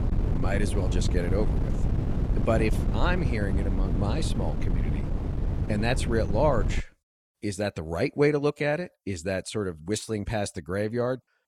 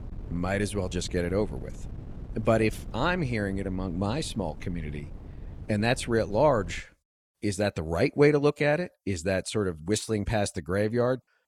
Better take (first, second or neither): second